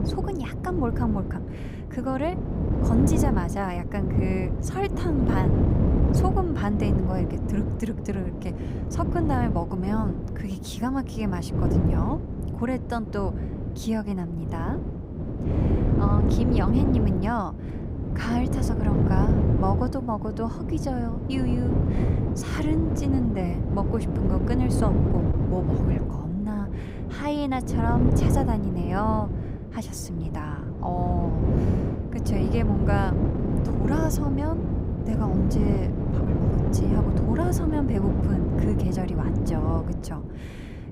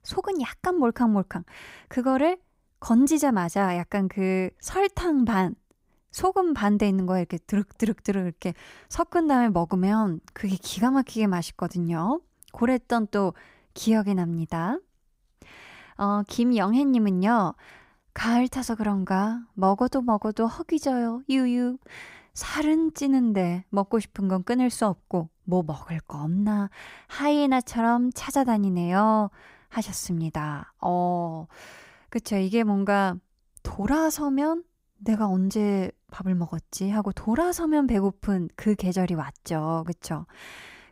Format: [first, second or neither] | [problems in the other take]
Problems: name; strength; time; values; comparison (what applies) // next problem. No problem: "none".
second | wind noise on the microphone; heavy; 2 dB below the speech